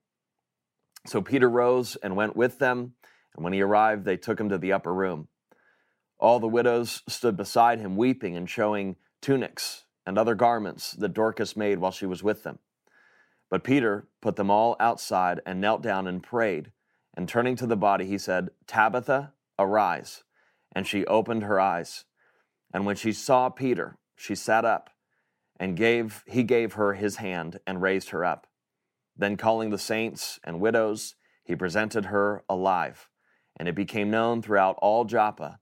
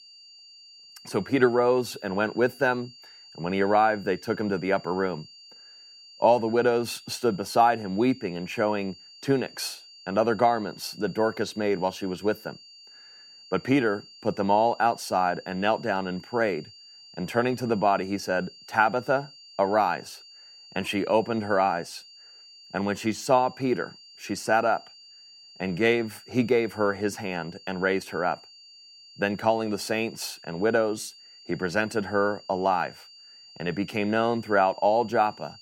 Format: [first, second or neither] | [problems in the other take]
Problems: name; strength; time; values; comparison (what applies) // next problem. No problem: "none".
first | high-pitched whine; faint; throughout; 4.5 kHz, 20 dB below the speech